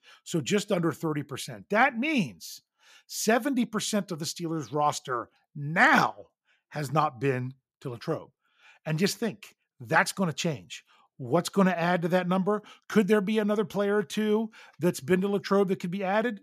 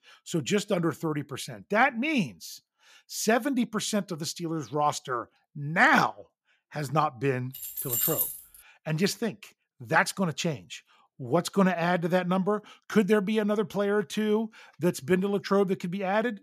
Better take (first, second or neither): first